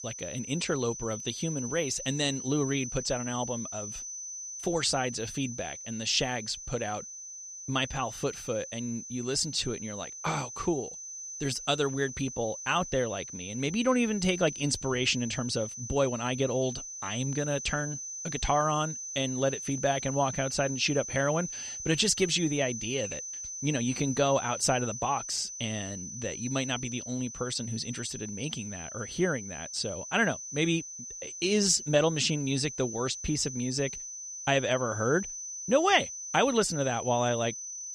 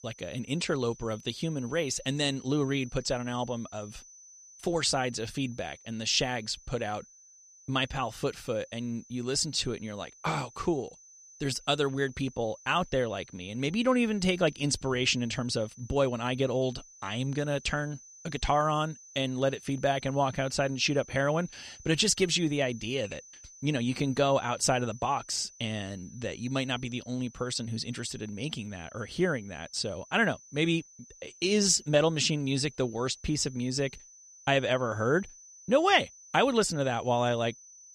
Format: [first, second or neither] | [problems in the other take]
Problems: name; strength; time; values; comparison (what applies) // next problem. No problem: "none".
second | high-pitched whine; loud; throughout; 6 kHz, 8 dB below the speech; faint in the second